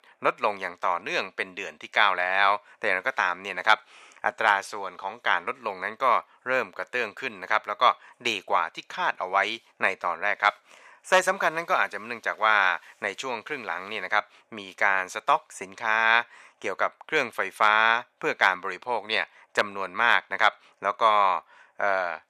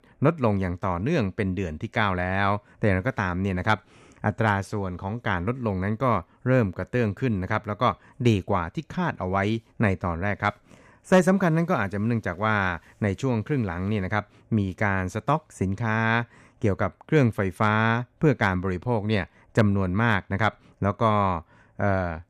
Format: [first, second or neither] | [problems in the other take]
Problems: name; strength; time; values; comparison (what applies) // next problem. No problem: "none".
second | thin; very; fading below 850 Hz